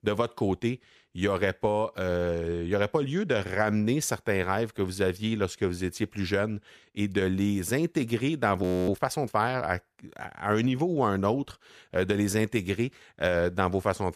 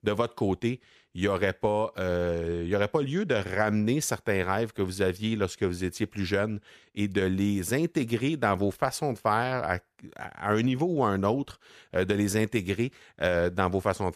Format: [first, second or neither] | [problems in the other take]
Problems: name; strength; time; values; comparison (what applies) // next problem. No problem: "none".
second | audio freezing; at 8.5 s